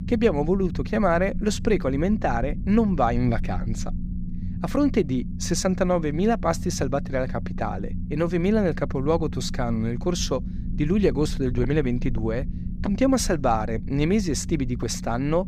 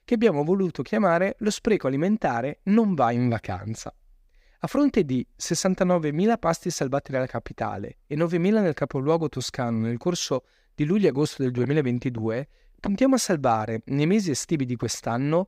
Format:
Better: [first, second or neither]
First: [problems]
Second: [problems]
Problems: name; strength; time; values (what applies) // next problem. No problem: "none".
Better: second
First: low rumble; noticeable; throughout; 15 dB below the speech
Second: none